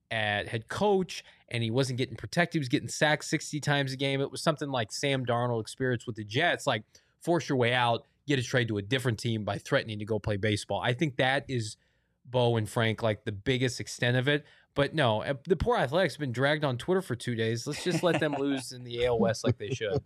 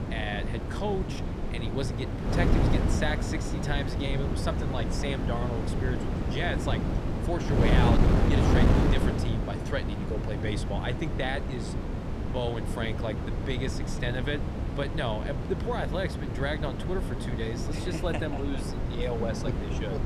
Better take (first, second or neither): first